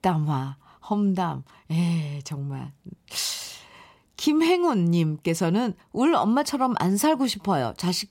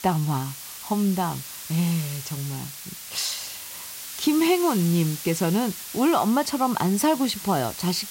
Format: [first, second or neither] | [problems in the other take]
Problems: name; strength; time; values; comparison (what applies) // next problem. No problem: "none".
first | hiss; loud; throughout; 10 dB below the speech